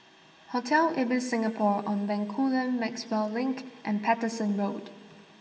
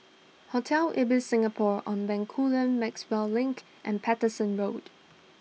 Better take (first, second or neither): second